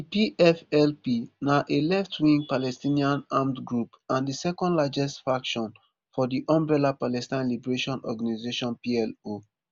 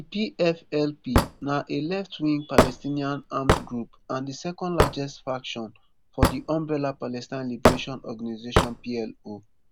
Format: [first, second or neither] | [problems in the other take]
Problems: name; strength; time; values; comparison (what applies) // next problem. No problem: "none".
first | background sound (Hammer / Wood); 1 dB above the speech